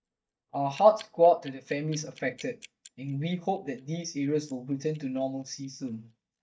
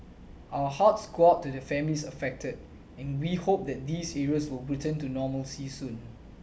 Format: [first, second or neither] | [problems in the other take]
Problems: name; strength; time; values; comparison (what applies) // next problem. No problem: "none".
second | noise reduction (neural mask model DeepFilterNet 3)